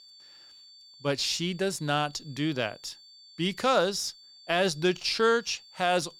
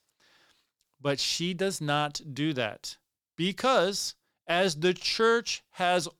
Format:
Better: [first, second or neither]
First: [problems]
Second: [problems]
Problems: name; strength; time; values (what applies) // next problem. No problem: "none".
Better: second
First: high-pitched whine; faint; throughout; 4.5 kHz, 20 dB below the speech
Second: none